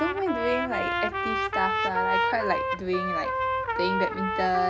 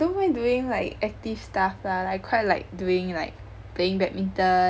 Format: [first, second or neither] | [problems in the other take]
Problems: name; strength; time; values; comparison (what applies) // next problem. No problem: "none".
second | background sound (Trumpet); 1 dB above the speech